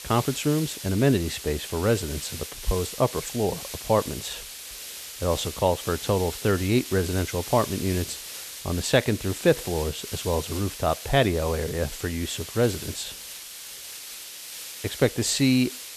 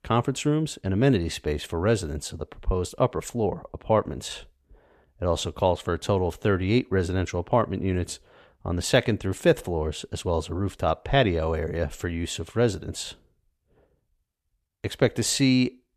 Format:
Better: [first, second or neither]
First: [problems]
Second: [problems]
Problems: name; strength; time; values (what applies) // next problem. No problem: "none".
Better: second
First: hiss; loud; throughout; 10 dB below the speech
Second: none